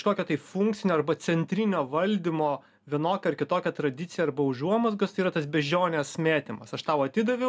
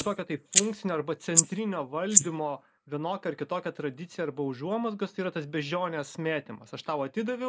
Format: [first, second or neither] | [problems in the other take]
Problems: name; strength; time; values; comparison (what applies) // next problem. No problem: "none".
first | noise reduction (neural mask model Resemble Enhance denoiser)